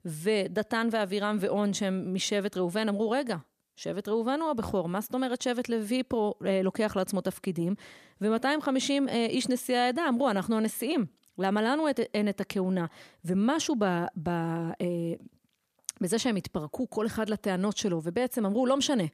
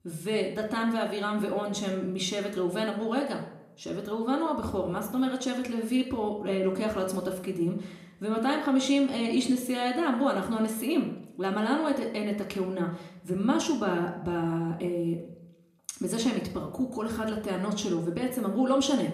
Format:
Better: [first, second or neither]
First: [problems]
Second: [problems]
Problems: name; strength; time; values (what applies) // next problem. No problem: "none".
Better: first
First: none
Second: room echo; slight; dies away in 0.6 s // off-mic speech; somewhat distant